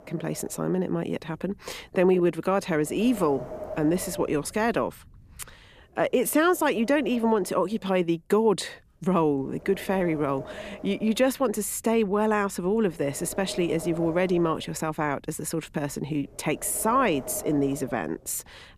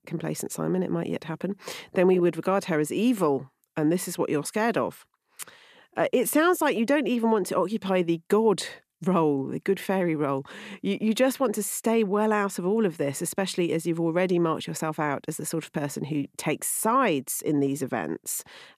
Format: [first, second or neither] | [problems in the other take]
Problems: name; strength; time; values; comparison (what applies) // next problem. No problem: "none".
second | wind noise on the microphone; occasional gusts; 15 dB below the speech